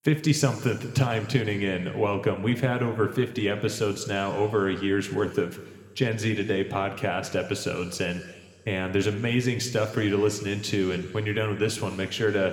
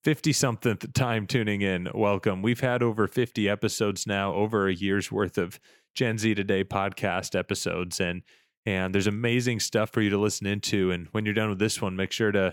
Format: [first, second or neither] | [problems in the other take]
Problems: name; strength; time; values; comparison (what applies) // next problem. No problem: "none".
second | room echo; slight; dies away in 1.9 s